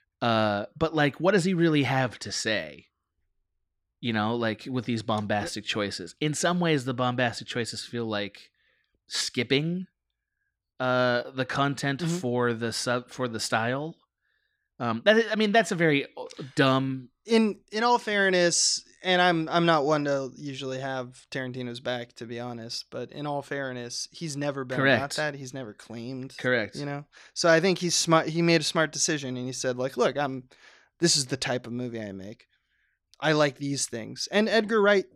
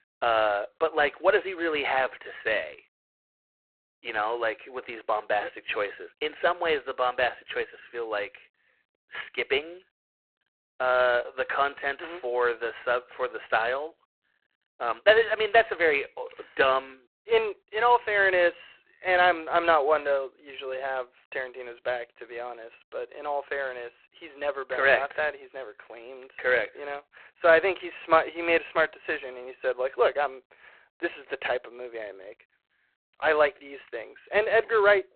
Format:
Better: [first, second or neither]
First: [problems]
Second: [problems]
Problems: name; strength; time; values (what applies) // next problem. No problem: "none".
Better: first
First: none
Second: phone-call audio; poor line; nothing above 4 kHz